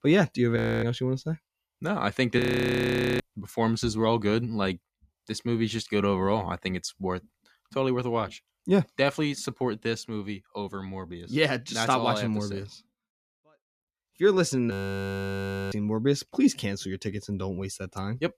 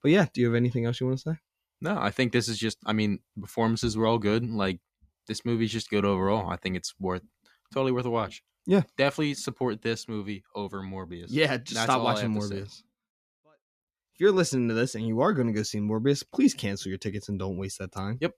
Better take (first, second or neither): second